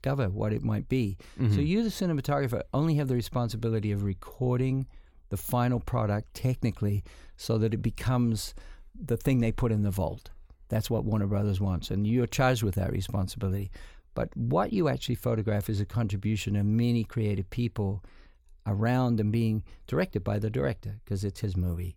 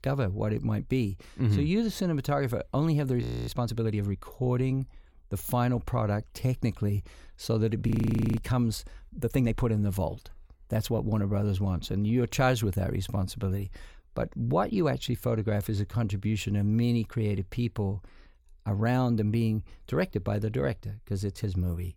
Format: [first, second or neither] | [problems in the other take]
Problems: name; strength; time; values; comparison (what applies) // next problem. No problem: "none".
first | audio freezing; at 3 s and at 8 s